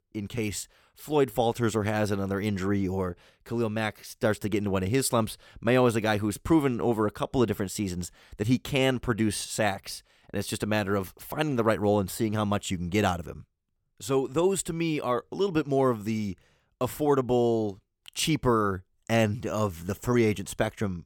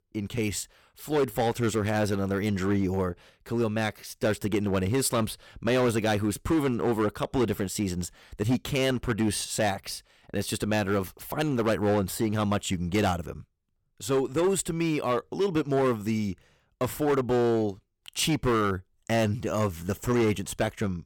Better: first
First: none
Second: distortion; slight; 7% of the sound clipped

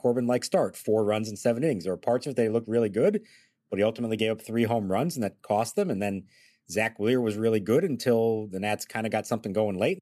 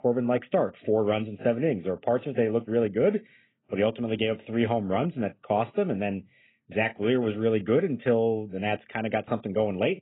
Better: first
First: none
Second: garbled, watery; badly; nothing above 3.5 kHz

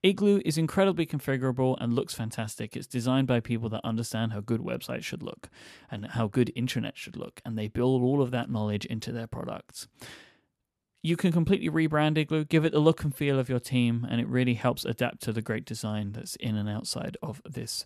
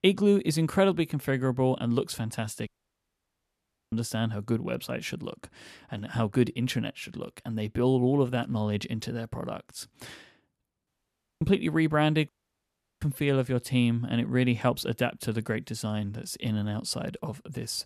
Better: first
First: none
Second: audio cutting out; at 2.5 s for 1.5 s, at 11 s for 0.5 s and at 12 s for 0.5 s

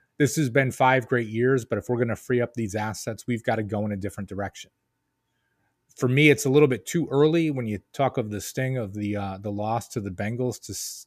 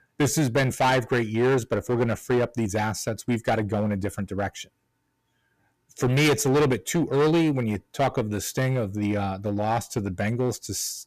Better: first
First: none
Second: distortion; heavy; 10% of the sound clipped

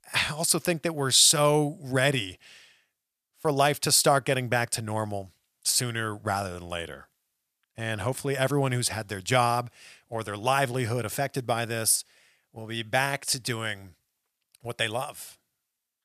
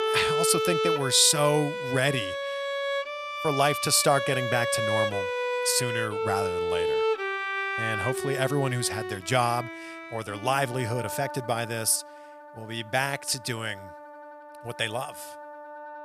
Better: first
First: none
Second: background music; loud; throughout; 3 dB below the speech

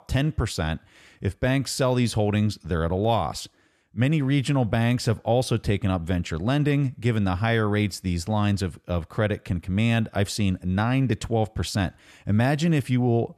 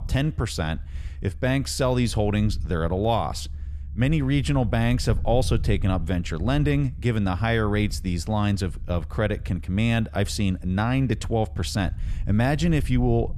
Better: first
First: none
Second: low rumble; faint; throughout; 25 dB below the speech

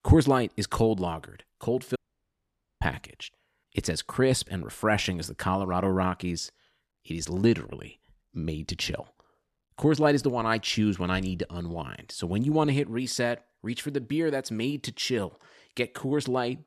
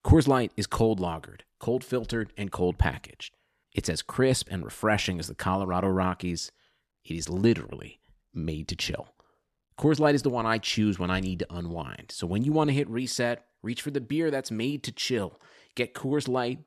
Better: second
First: audio cutting out; at 2 s for 1 s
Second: none

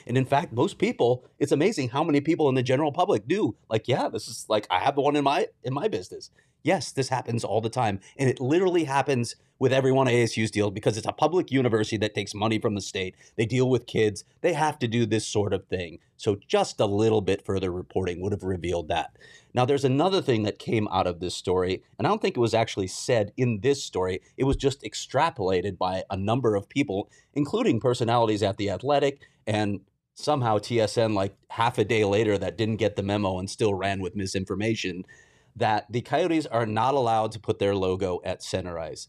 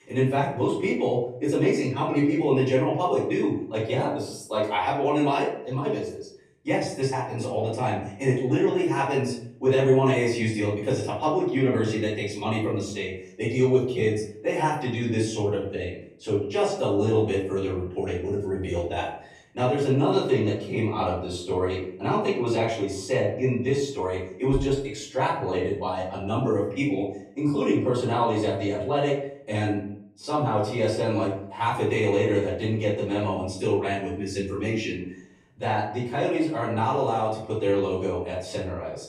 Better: first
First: none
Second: off-mic speech; far // room echo; noticeable; dies away in 0.5 s

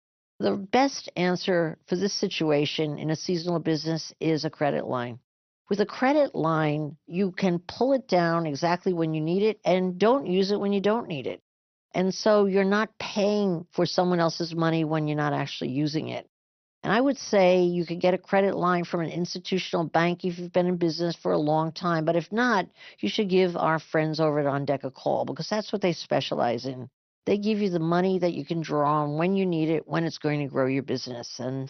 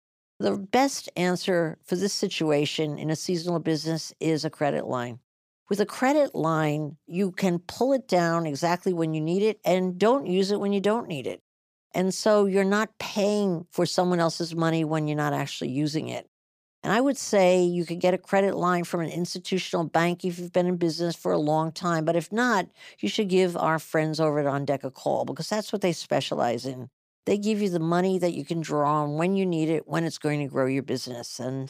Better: second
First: garbled, watery; slightly; nothing above 6 kHz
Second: none

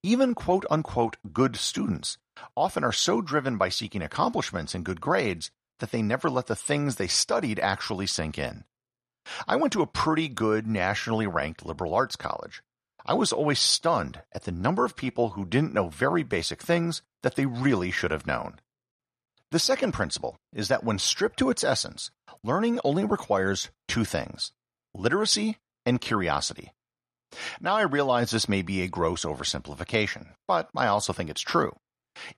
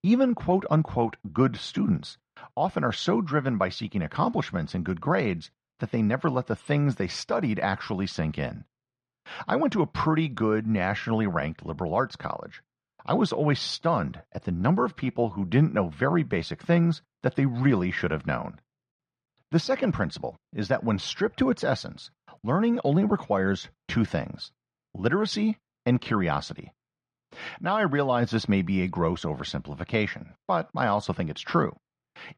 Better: first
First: none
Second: muffled; slightly; fading above 3 kHz

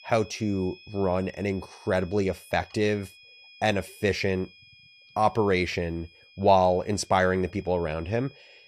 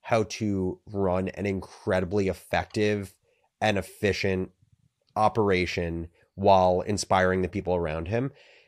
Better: second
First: high-pitched whine; faint; throughout; 2.5 kHz, 25 dB below the speech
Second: none

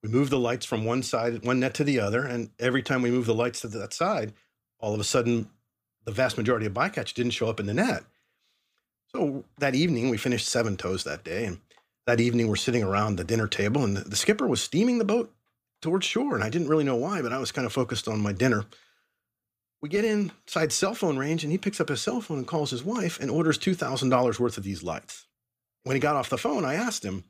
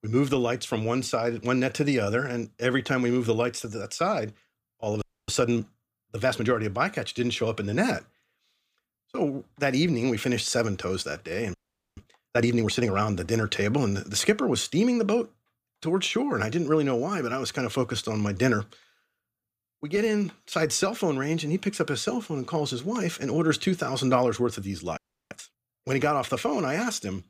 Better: first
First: none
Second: audio freezing; at 5 s, at 12 s and at 25 s

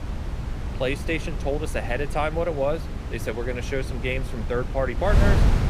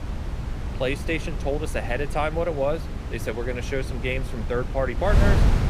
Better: neither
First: wind noise on the microphone; heavy; 9 dB below the speech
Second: wind noise on the microphone; heavy; 9 dB below the speech

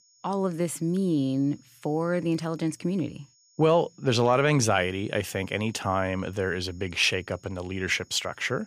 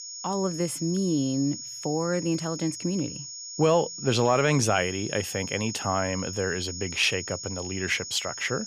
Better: first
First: high-pitched whine; faint; throughout; 6.5 kHz, 30 dB below the speech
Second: high-pitched whine; loud; throughout; 6.5 kHz, 8 dB below the speech

